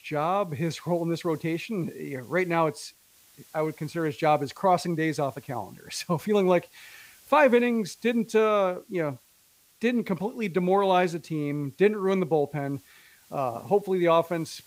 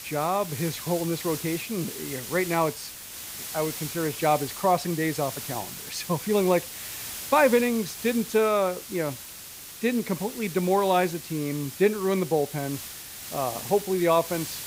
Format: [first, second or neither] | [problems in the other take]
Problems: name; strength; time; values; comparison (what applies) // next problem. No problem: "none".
first | hiss; loud; throughout; 9 dB below the speech; faint in the first